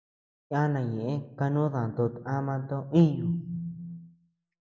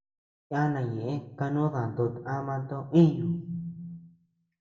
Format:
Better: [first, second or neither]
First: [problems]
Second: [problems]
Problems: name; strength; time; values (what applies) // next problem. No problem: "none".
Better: first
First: none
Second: room echo; dies away in 0.4 s